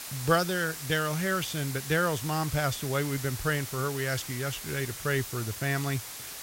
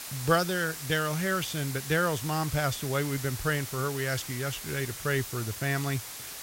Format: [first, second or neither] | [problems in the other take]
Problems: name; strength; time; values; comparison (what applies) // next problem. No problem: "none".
neither | hiss; loud; throughout; 8 dB below the speech; the same in both